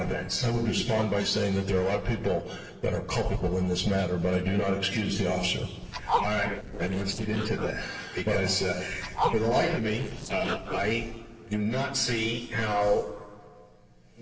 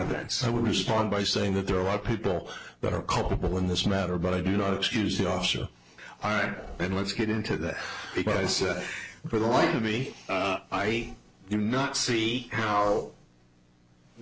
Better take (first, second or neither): second